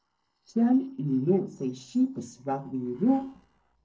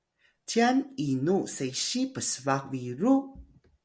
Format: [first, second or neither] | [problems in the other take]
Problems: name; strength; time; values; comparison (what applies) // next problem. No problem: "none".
second | noise reduction (neural separator model SepFormer DNS4)